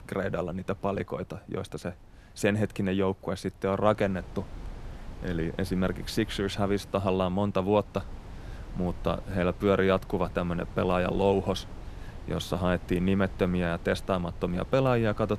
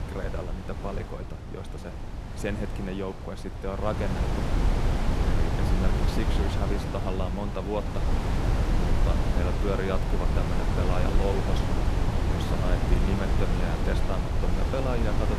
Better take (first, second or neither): first